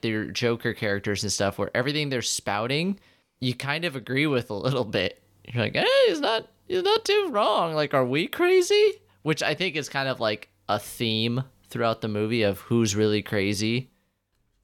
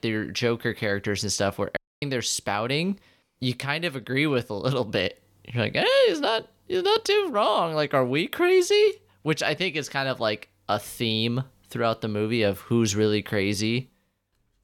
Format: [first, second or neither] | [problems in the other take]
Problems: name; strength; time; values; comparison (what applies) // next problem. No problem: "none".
first | audio cutting out; at 2 s